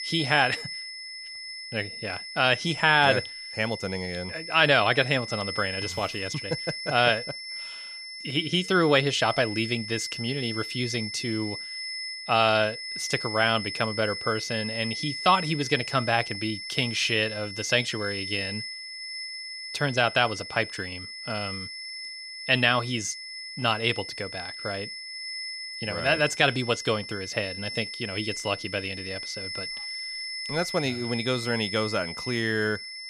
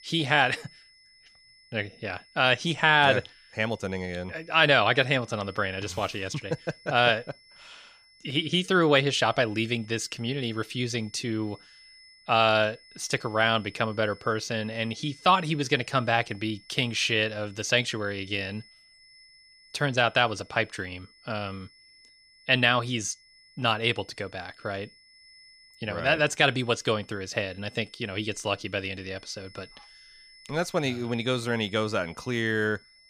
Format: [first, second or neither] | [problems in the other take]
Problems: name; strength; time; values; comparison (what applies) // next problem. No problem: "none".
second | high-pitched whine; loud; throughout; 5 kHz, 8 dB below the speech; faint in the second